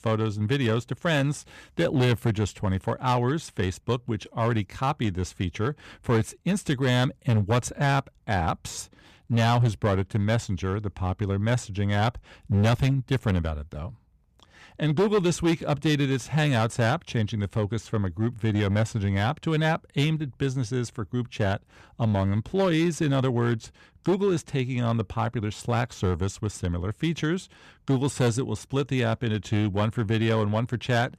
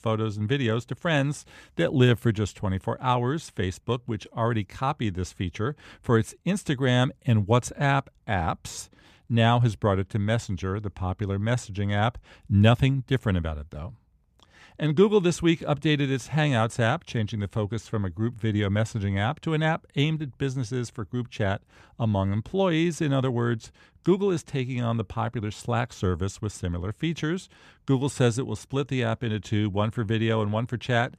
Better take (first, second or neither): second